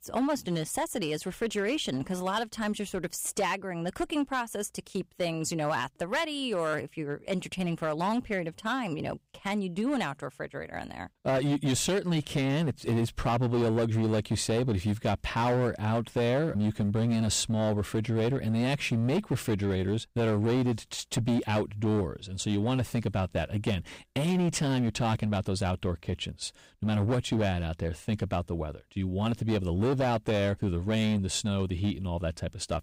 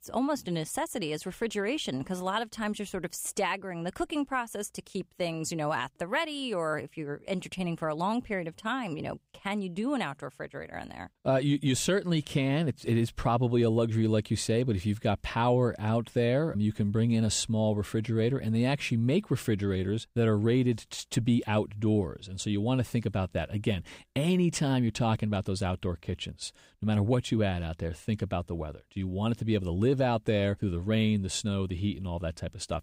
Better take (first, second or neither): second